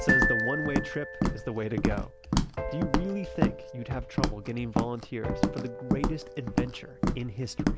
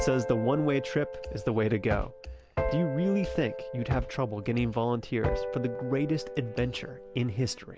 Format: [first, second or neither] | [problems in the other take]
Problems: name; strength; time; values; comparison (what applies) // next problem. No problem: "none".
second | background sound (Glockenspiel + Walk, footsteps); 4 dB above the speech